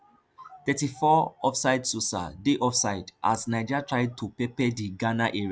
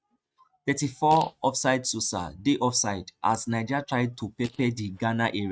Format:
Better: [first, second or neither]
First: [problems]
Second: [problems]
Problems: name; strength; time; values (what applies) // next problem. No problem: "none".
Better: first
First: none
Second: noise reduction (neural mask model RNNoise)